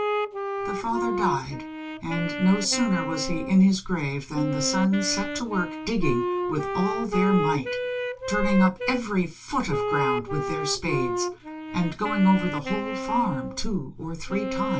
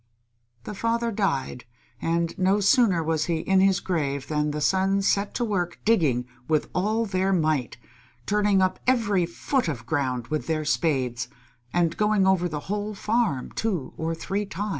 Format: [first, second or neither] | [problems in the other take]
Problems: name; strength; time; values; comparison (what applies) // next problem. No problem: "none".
second | background sound (Wind instrument, woodwind instrument); 4 dB below the speech // room echo; dies away in 0.2 s